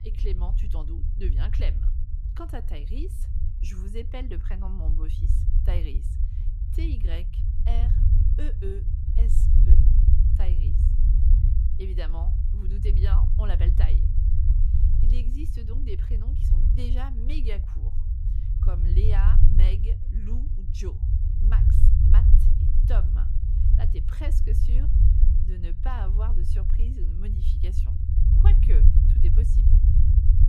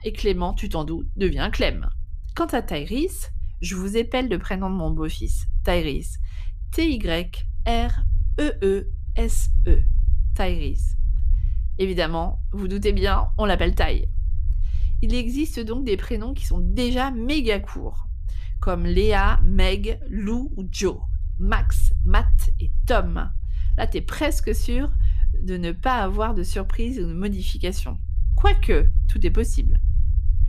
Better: second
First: low rumble; loud; throughout; 1 dB below the speech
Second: low rumble; faint; throughout; 20 dB below the speech

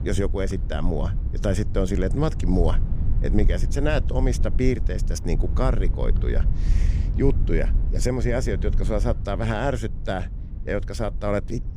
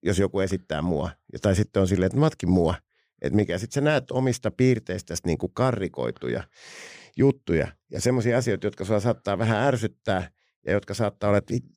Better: second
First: low rumble; noticeable; throughout; 15 dB below the speech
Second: none

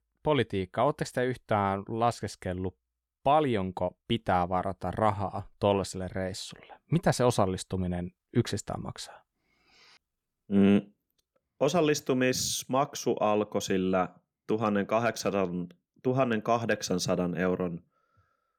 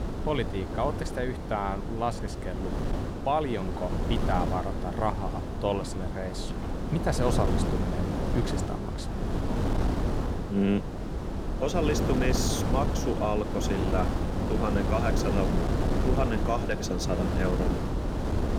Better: first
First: none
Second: wind noise on the microphone; heavy; 3 dB below the speech

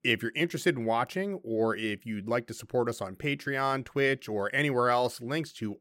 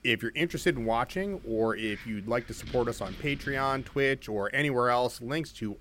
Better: first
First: none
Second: wind noise on the microphone; occasional gusts; 20 dB below the speech

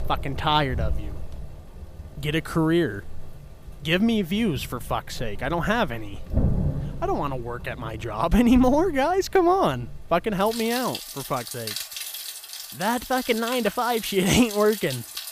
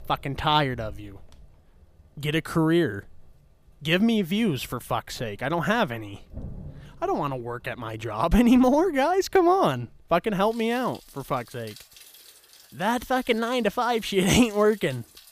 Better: second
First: rain or running water; loud; throughout; 10 dB below the speech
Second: rain or running water; faint; throughout; 25 dB below the speech

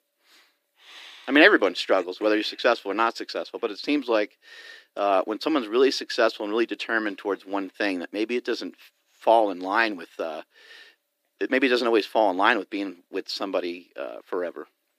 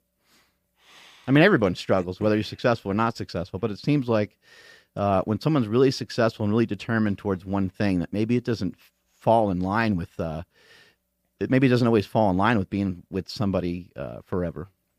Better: second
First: thin; somewhat; fading below 300 Hz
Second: none

